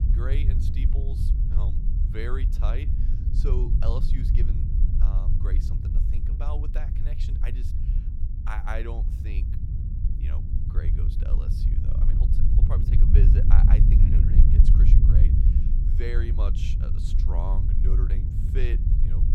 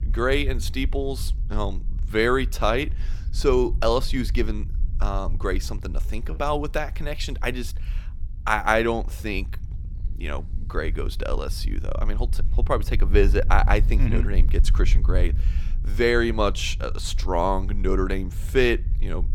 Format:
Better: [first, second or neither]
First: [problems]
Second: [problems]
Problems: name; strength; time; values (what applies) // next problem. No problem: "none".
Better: second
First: low rumble; loud; throughout; 1 dB below the speech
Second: low rumble; faint; throughout; 20 dB below the speech